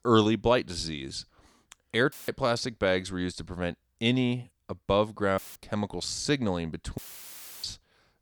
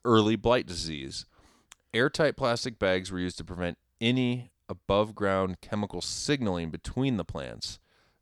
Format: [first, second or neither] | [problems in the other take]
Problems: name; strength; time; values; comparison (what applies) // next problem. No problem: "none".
second | audio cutting out; filled with static; at 2 s, at 5.5 s and at 7 s for 0.5 s